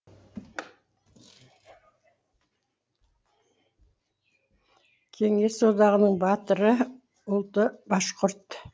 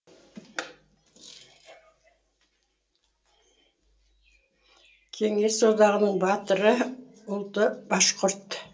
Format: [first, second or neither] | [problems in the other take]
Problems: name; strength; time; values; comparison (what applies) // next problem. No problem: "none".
first | room echo; dies away in 0.2 s